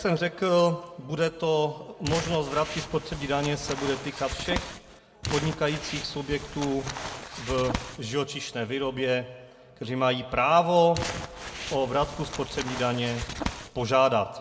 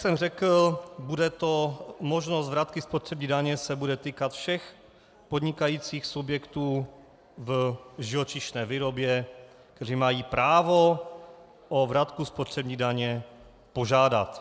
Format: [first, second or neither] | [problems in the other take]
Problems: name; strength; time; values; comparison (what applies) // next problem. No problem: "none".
second | background sound (Crumpling, crinkling); 8 dB below the speech // room echo; dies away in 0.8 s